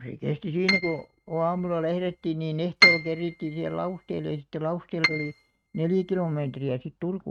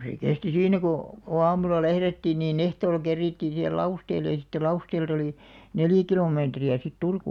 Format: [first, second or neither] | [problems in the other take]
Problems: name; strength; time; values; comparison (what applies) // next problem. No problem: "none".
second | noise reduction (neural mask model RNNoise)